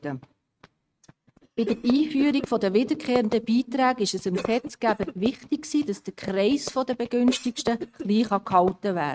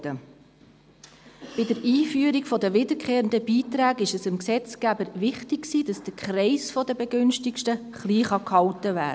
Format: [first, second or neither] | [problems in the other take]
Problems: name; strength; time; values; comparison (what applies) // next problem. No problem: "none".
second | noise reduction (neural mask model RNNoise)